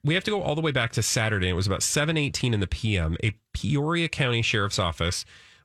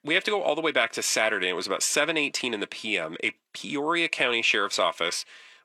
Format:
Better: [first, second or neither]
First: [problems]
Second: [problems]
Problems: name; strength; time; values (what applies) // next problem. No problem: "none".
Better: first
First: none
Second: thin; very; fading below 250 Hz